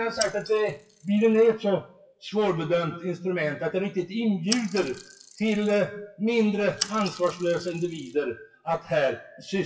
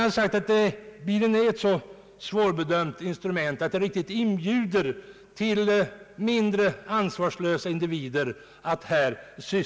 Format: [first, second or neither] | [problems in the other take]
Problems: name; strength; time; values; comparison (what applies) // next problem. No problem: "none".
second | noise reduction (classical method WPE with log-MMSE)